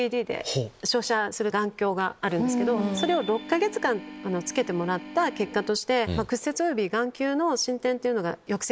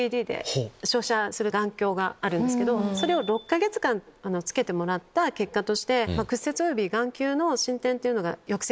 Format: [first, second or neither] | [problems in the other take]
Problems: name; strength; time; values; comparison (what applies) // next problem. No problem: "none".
second | background sound (Organ); 14 dB below the speech